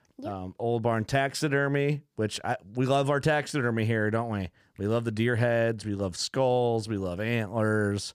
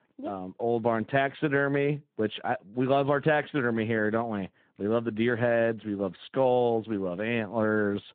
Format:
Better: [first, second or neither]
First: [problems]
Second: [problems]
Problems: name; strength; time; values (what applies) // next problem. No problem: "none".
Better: first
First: none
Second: phone-call audio; nothing above 3.5 kHz